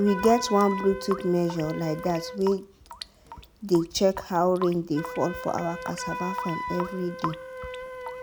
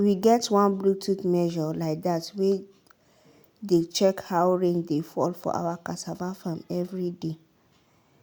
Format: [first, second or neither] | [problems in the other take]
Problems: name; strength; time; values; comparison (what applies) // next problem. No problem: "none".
second | background sound (Wind instrument, woodwind instrument + Drip / Sink (filling or washing) / Water tap, faucet); 9 dB below the speech